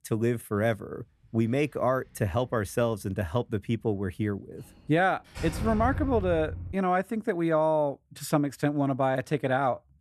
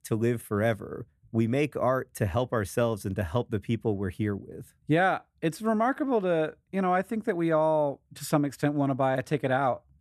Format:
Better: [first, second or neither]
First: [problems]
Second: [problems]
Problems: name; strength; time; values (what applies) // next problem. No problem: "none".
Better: second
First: door banging; noticeable; from 5.5 to 6.5 s; peak 5 dB below the speech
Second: none